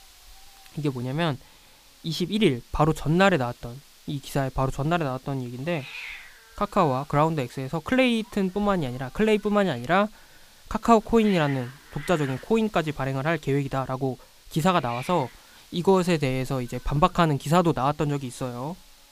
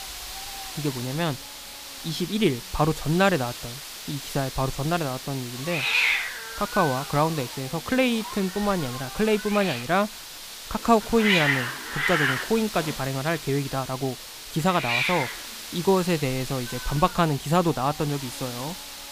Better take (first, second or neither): first